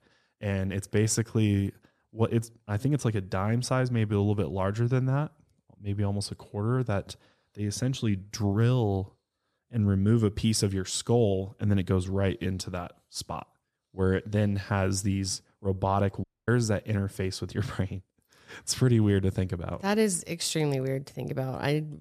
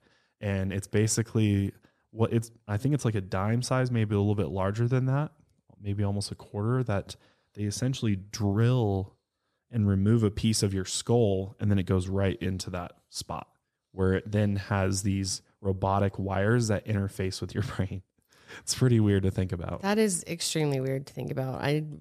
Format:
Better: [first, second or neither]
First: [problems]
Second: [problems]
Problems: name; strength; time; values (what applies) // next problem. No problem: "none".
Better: second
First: audio cutting out; at 16 s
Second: none